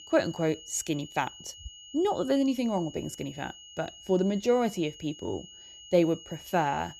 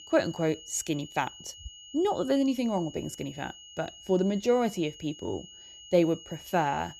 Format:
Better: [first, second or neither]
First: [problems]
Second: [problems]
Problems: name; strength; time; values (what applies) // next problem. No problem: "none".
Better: neither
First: high-pitched whine; noticeable; throughout; 3 kHz, 15 dB below the speech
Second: high-pitched whine; noticeable; throughout; 3 kHz, 15 dB below the speech